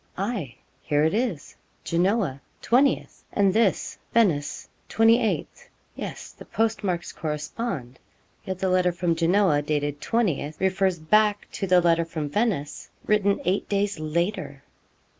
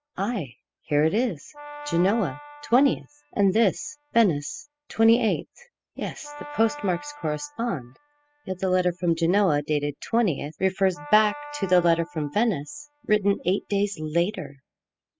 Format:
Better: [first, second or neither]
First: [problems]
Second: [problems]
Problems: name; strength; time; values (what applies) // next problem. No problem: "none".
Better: first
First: none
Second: noise reduction (classical method spectral subtraction)